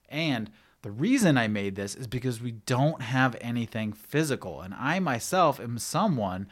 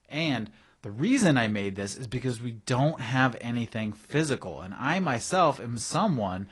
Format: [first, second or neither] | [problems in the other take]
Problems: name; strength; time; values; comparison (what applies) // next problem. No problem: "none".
first | garbled, watery; slightly; nothing above 10 kHz